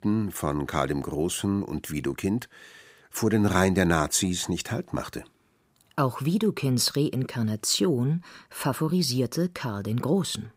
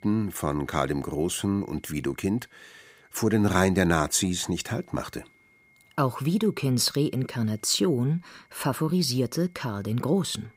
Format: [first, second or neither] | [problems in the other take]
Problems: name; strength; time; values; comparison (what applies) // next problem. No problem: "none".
first | high-pitched whine; faint; throughout; 2 kHz, 35 dB below the speech